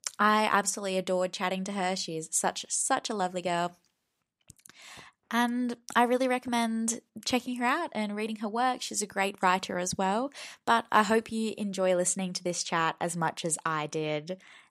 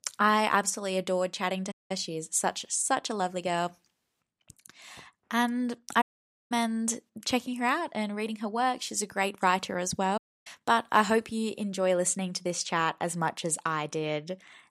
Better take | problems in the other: first | audio cutting out; at 1.5 s, at 6 s and at 10 s

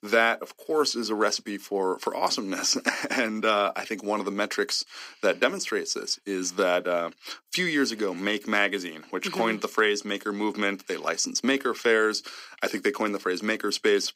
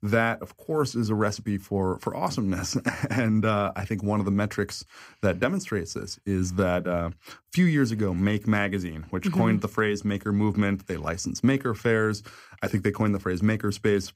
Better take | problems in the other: second | thin; somewhat; fading below 300 Hz

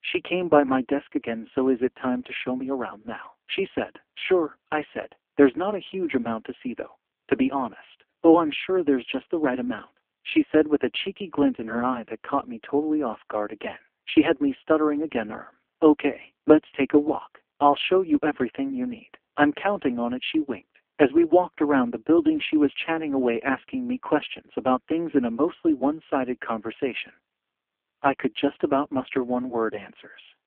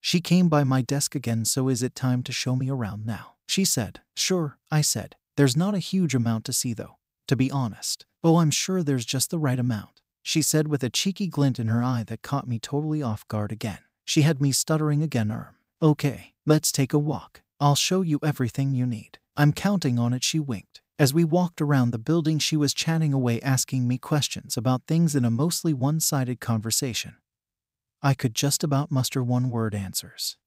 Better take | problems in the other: second | phone-call audio; poor line; nothing above 3.5 kHz

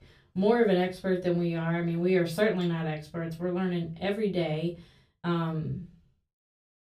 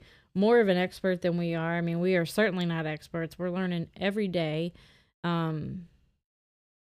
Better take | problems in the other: second | off-mic speech; far // room echo; very slight; dies away in 0.2 s

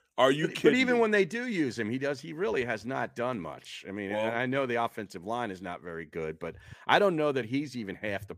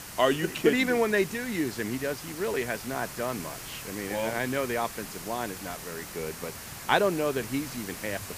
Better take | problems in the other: first | hiss; loud; throughout; 10 dB below the speech

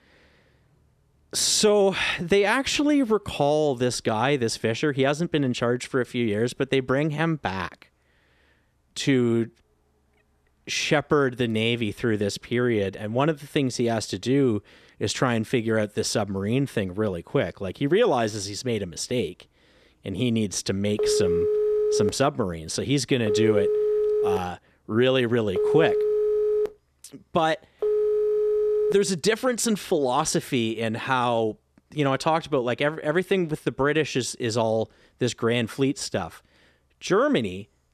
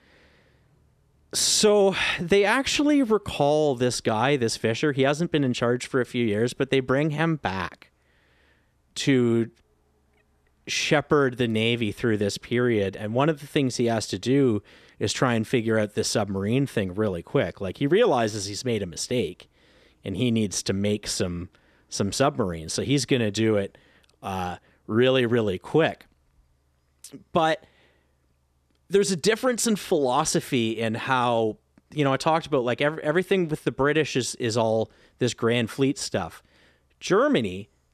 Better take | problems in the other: second | phone ringing; loud; from 21 to 29 s; peak 2 dB above the speech

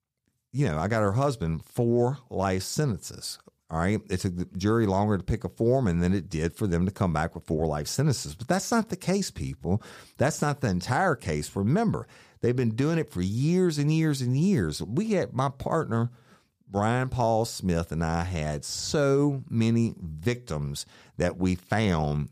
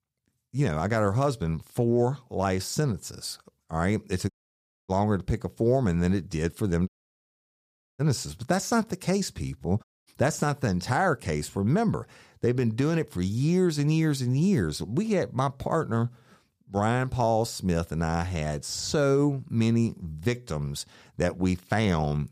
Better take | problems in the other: first | audio cutting out; at 4.5 s for 0.5 s, at 7 s for 1 s and at 10 s

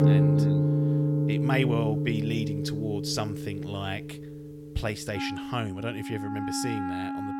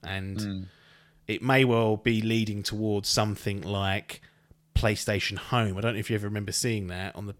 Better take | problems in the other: second | background music; very loud; throughout; 5 dB above the speech

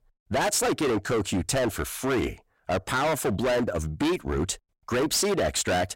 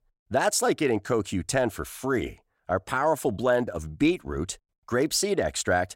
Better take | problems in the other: second | distortion; heavy; 23% of the sound clipped

